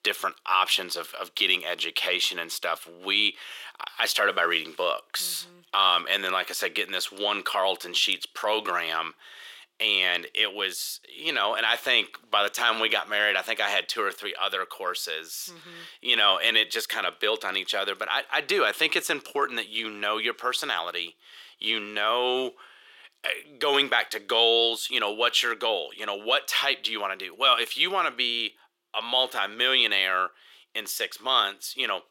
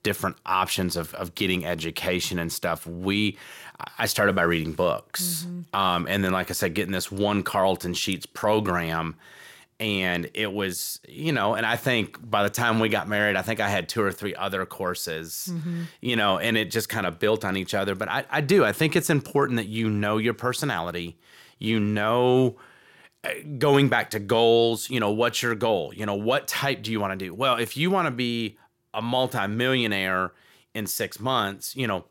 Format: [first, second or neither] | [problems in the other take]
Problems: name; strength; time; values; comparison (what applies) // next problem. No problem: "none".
second | thin; very; fading below 400 Hz